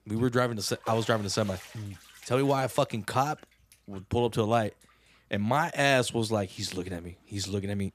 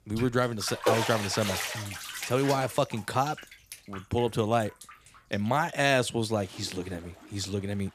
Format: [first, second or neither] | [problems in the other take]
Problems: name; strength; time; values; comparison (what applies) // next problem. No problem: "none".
first | household noises; loud; throughout; 6 dB below the speech; faint in the first